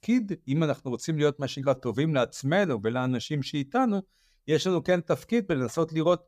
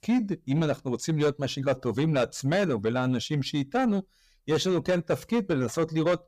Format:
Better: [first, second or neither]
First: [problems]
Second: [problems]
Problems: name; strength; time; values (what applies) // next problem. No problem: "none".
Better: first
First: none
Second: distortion; slight; 10 dB below the speech